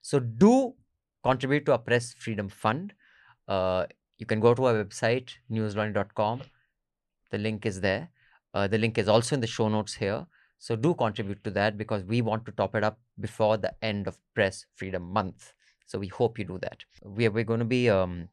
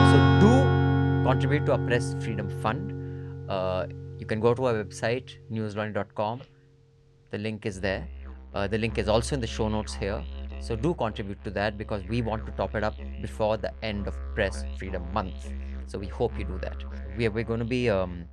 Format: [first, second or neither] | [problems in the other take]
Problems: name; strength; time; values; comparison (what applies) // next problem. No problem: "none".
first | background music; loud; throughout; 1 dB below the speech